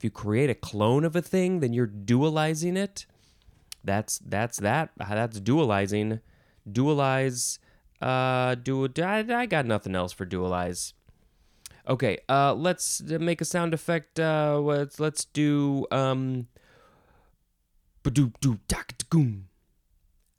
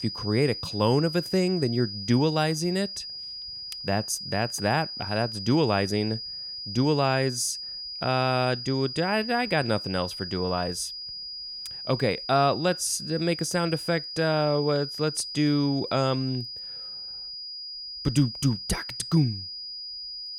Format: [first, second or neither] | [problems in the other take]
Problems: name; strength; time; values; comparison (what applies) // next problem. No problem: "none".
first | high-pitched whine; loud; throughout; 5 kHz, 8 dB below the speech